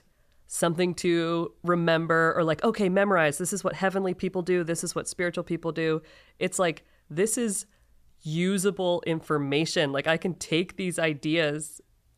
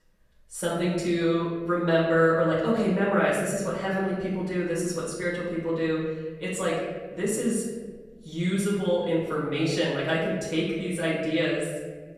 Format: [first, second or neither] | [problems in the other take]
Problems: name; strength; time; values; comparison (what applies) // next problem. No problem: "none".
first | off-mic speech; far // room echo; noticeable; dies away in 1.3 s